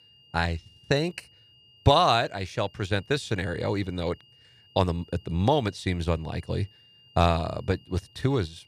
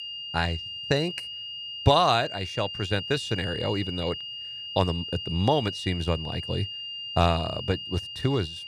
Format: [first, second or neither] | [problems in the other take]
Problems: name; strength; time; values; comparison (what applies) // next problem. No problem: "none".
first | high-pitched whine; loud; throughout; 3 kHz, 7 dB below the speech; faint in the first